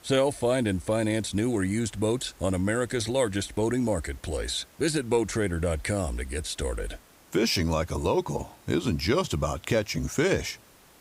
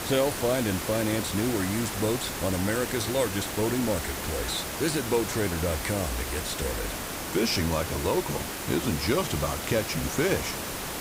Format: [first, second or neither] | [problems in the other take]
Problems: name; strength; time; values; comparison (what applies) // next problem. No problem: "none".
first | hiss; loud; throughout; 4 dB below the speech; faint in the first